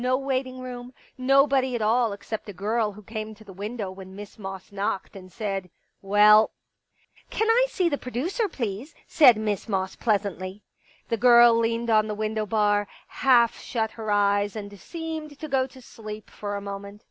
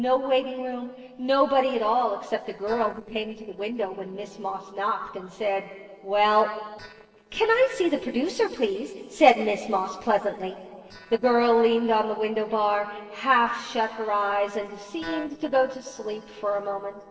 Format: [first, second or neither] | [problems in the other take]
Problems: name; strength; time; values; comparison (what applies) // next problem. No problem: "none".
first | noise reduction (neural separator model SepFormer DNS4)